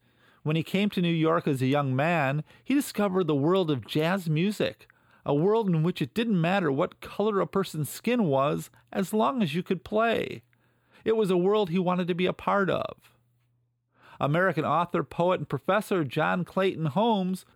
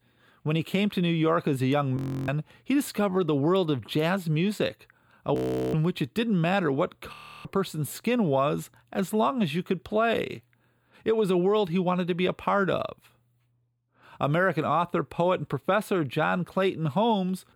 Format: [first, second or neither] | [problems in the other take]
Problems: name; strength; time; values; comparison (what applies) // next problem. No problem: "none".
first | audio freezing; at 2 s, at 5.5 s and at 7 s